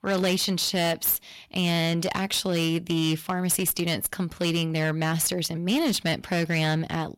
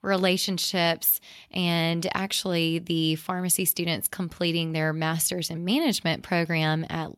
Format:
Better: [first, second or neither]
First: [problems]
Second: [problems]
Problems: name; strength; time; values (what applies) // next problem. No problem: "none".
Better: second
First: distortion; slight; 10% of the sound clipped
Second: none